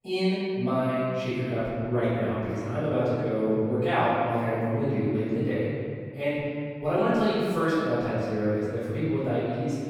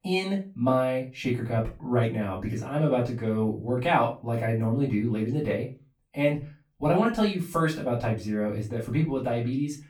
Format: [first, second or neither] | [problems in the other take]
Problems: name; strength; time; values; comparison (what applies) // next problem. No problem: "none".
second | room echo; strong; dies away in 2.2 s; slight in the second // off-mic speech; far; far in the second